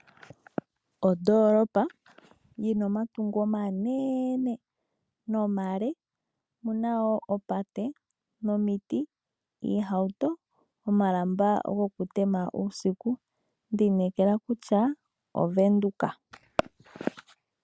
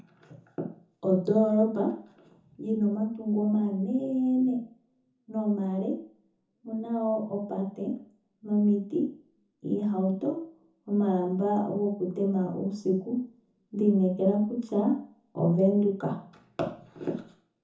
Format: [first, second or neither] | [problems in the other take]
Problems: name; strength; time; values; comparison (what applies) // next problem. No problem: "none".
first | room echo; dies away in 0.5 s